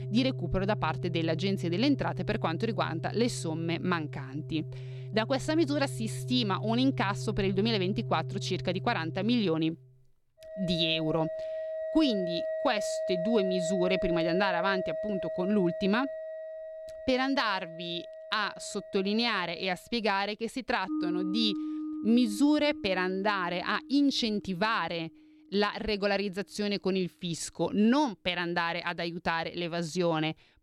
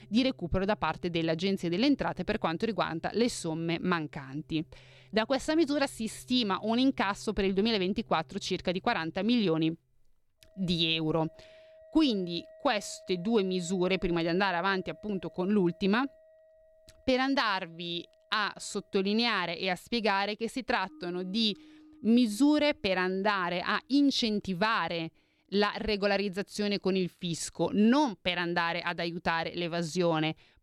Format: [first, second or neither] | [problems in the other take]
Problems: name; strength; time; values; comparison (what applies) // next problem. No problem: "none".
second | background music; loud; throughout; 7 dB below the speech; faint in the second